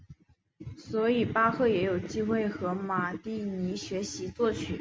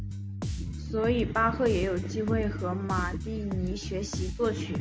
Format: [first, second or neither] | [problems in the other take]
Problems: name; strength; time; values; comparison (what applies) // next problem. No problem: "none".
first | background sound (Bass guitar); 4 dB below the speech